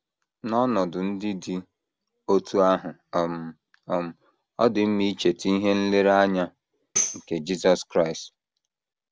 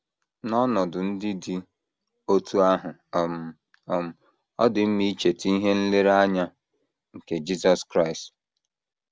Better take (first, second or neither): second